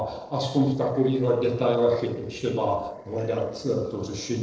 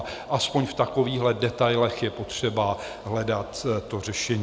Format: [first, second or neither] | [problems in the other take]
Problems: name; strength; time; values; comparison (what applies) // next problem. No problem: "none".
second | noise reduction (neural separator model SepFormer DNS4)